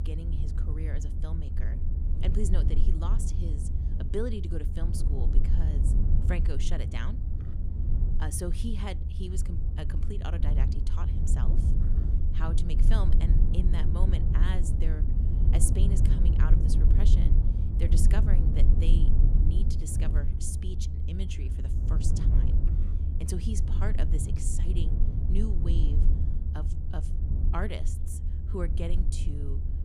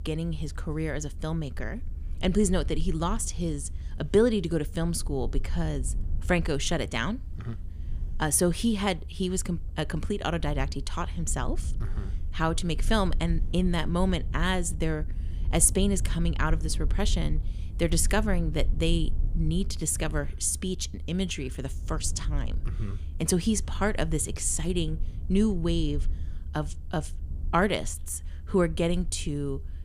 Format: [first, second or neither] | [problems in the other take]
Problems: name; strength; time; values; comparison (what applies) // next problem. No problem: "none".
second | low rumble; loud; throughout; 3 dB below the speech; faint in the second